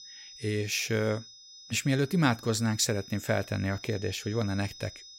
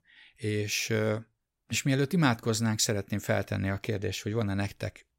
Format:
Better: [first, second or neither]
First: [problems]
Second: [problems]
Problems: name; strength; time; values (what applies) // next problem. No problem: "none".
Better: second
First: high-pitched whine; noticeable; throughout; 5 kHz, 15 dB below the speech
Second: none